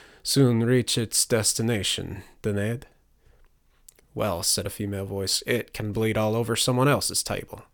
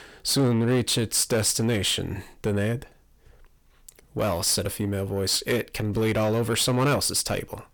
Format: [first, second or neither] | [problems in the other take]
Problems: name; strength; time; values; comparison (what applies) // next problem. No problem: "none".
first | distortion; slight; 10 dB below the speech